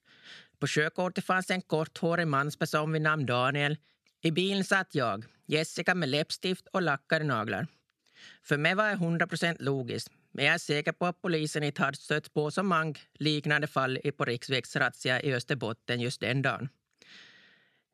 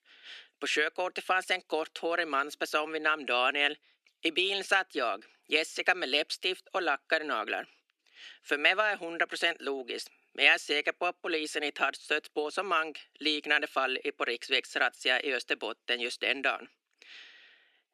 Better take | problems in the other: first | thin; somewhat; fading below 300 Hz

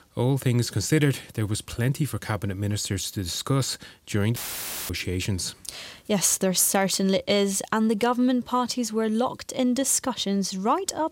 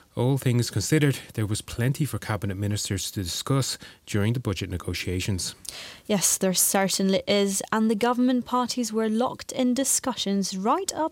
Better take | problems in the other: second | audio cutting out; filled with static; at 4.5 s for 0.5 s

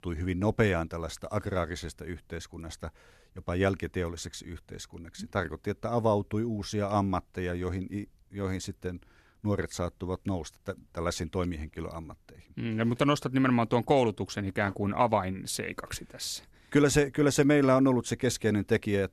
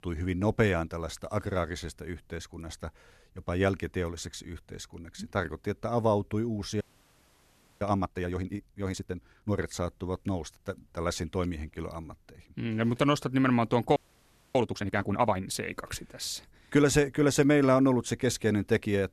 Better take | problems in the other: first | audio freezing; at 7 s for 1 s and at 14 s for 0.5 s

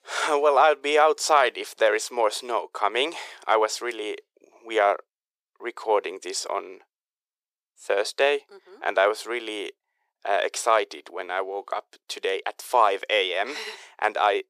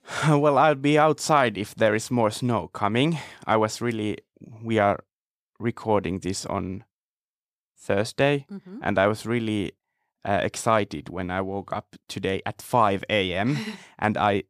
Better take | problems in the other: second | thin; very; fading below 400 Hz

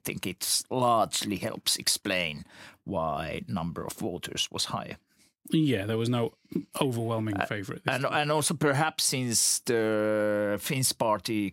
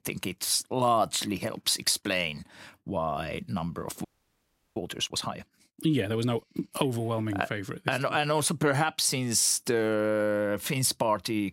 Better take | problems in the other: first | audio freezing; at 4 s for 0.5 s

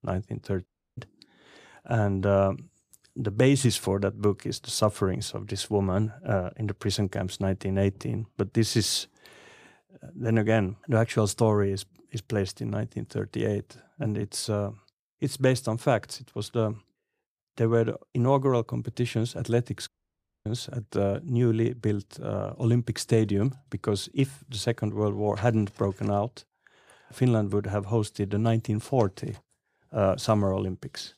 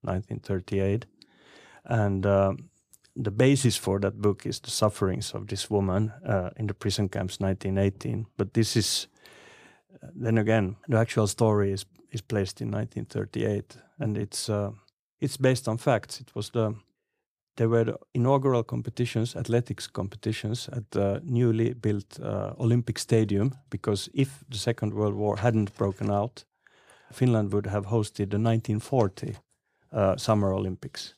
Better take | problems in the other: second | audio cutting out; at 0.5 s and at 20 s for 0.5 s

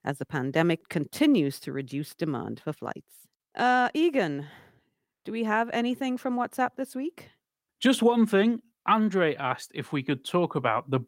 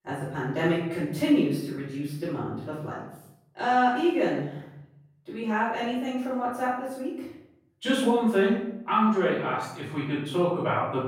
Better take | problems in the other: first | off-mic speech; far // room echo; noticeable; dies away in 0.7 s

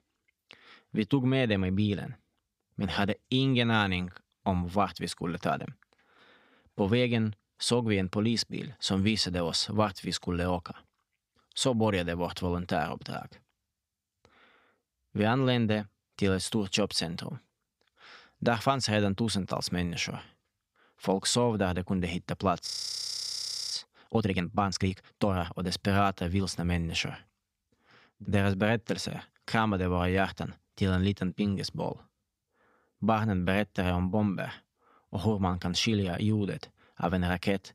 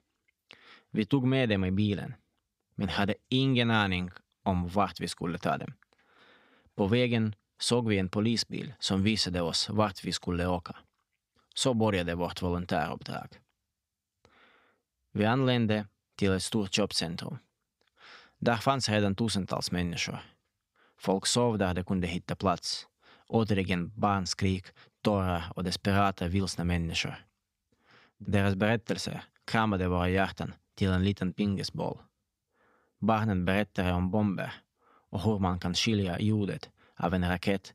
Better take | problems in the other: second | audio freezing; at 23 s for 1 s

